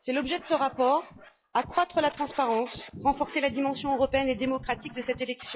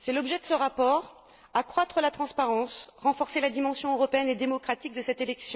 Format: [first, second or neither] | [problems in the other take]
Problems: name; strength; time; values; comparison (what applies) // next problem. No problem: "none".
second | noise reduction (classical method log-MMSE)